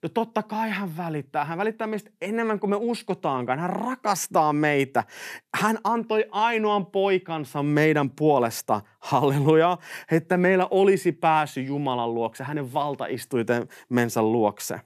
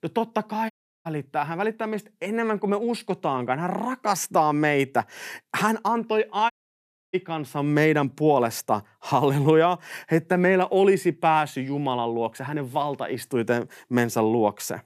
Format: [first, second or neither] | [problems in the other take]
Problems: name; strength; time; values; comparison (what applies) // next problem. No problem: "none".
first | audio cutting out; at 0.5 s and at 6.5 s for 0.5 s